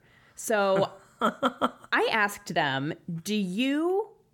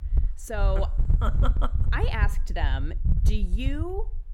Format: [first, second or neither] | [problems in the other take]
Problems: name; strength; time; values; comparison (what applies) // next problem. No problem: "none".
first | wind noise on the microphone; occasional gusts; 10 dB below the speech